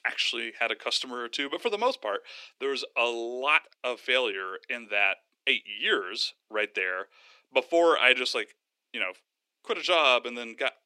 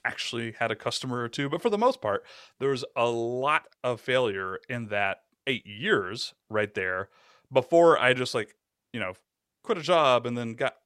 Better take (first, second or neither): second